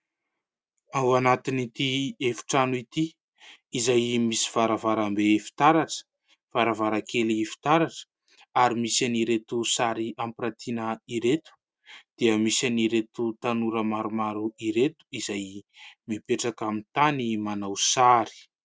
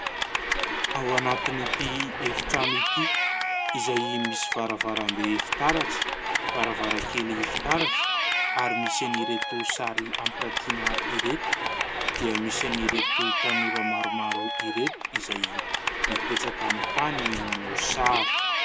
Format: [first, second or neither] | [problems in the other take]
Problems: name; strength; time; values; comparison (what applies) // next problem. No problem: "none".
first | background sound (Cheering / Clapping); 4 dB above the speech